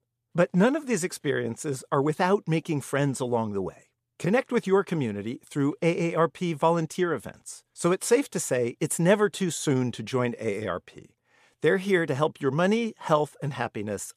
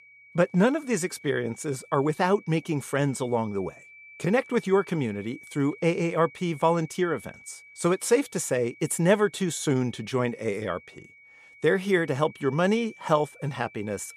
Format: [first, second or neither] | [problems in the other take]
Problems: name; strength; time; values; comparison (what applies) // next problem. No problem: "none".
first | high-pitched whine; faint; throughout; 2 kHz, 20 dB below the speech